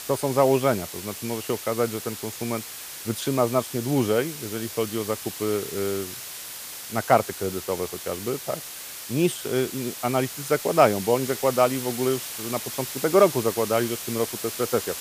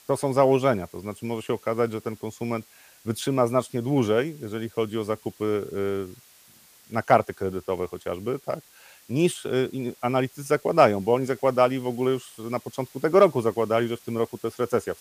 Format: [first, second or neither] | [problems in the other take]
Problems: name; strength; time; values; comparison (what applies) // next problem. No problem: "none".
second | hiss; loud; throughout; 8 dB below the speech; faint in the second